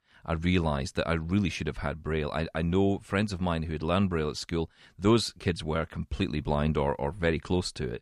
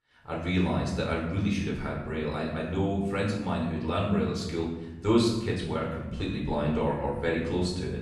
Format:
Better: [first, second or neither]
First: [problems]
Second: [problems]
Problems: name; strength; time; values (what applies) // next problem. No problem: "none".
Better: first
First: none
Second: off-mic speech; far // room echo; noticeable; dies away in 0.9 s